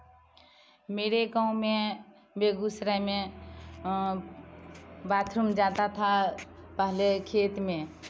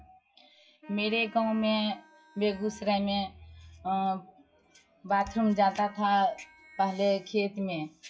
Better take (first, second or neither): first